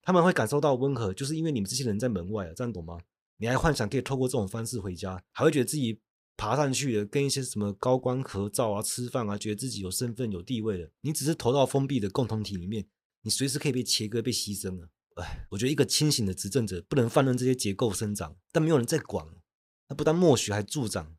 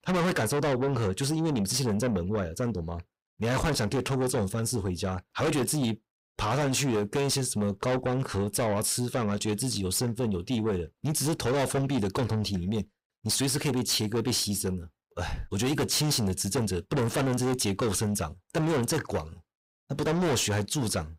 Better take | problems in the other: first | distortion; heavy; 5 dB below the speech

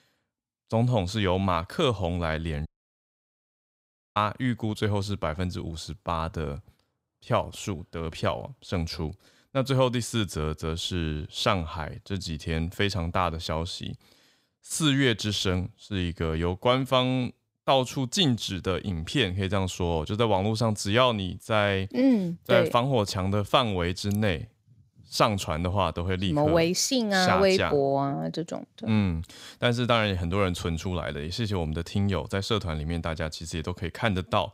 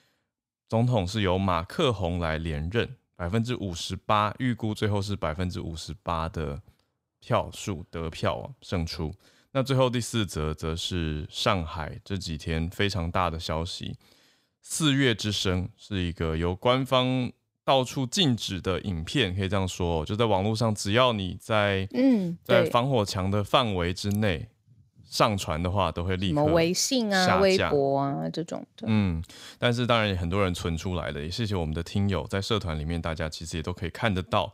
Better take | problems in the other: second | audio cutting out; at 2.5 s for 1.5 s

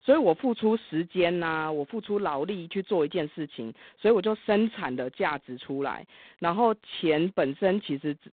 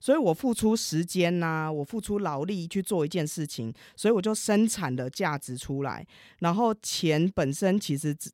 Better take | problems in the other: second | phone-call audio; poor line; nothing above 4 kHz

